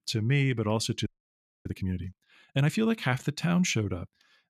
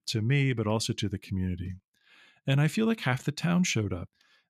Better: second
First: audio freezing; at 1 s for 0.5 s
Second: none

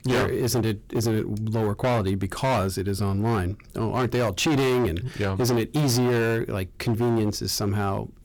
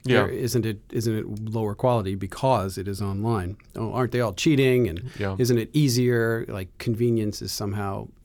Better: second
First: distortion; heavy; 18% of the sound clipped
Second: none

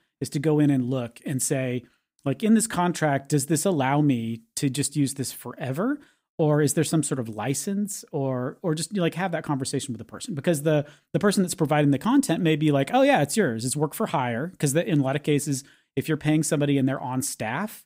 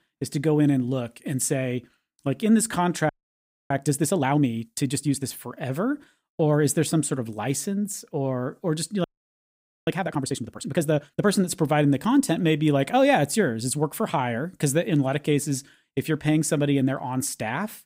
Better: first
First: none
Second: audio freezing; at 3 s for 0.5 s and at 9 s for 1 s

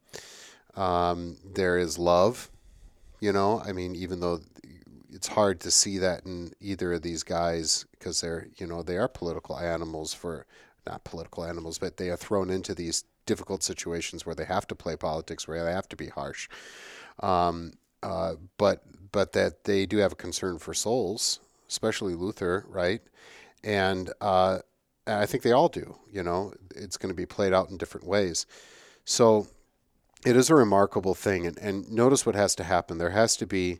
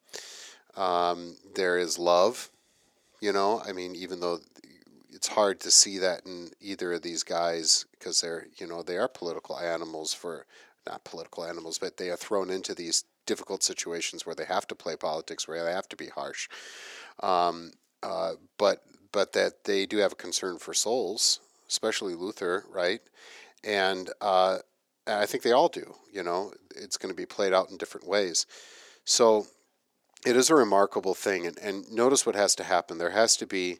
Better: first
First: none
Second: thin; very slightly; fading below 300 Hz

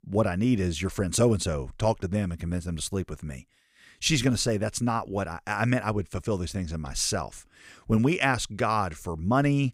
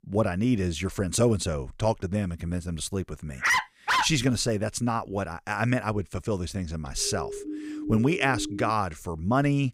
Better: first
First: none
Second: dog barking; loud; at 3.5 s; peak 3 dB above the speech // siren; noticeable; from 7 to 8.5 s; peak 7 dB below the speech

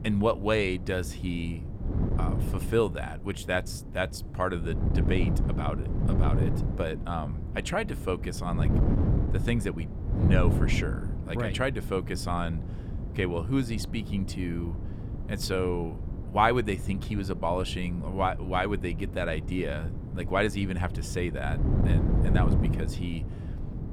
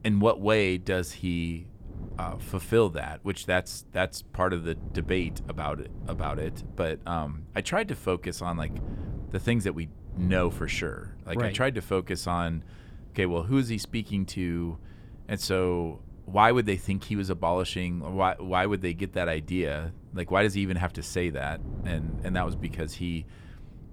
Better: second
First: wind noise on the microphone; heavy; 10 dB below the speech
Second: wind noise on the microphone; occasional gusts; 25 dB below the speech

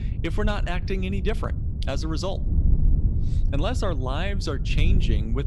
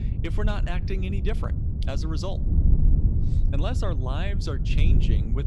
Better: first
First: wind noise on the microphone; occasional gusts; 10 dB below the speech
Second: wind noise on the microphone; heavy; 5 dB below the speech

